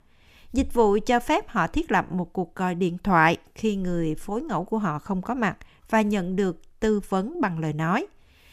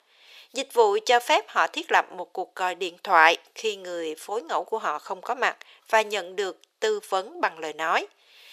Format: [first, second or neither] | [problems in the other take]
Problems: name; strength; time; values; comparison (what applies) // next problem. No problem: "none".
first | thin; very; fading below 500 Hz